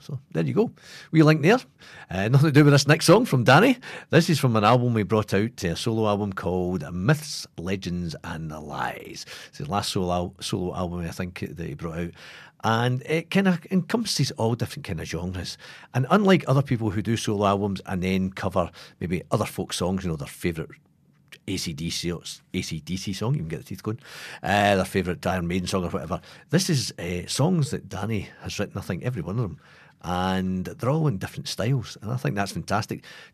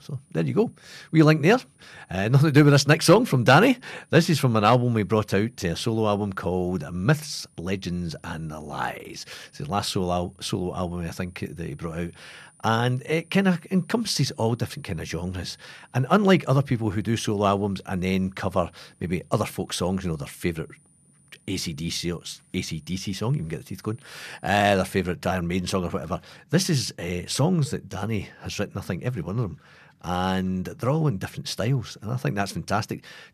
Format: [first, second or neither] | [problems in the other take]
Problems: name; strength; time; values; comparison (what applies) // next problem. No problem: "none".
first | high-pitched whine; faint; until 25 s; 9.5 kHz, 35 dB below the speech